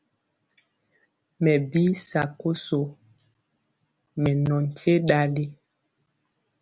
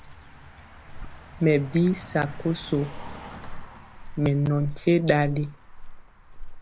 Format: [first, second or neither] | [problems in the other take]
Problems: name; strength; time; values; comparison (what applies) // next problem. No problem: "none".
first | background sound (Car passing by); 12 dB below the speech